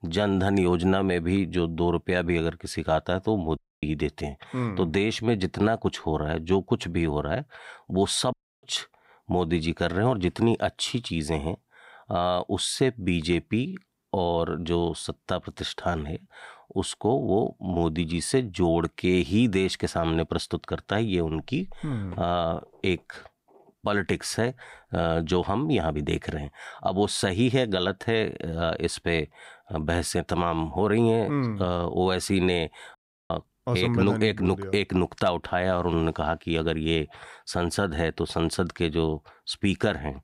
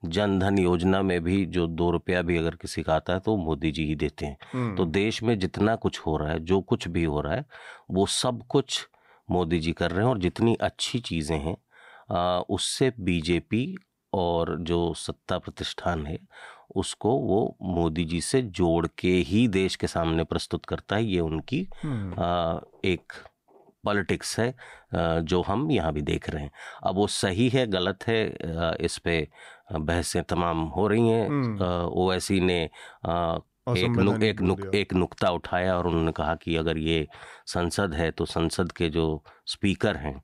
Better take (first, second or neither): second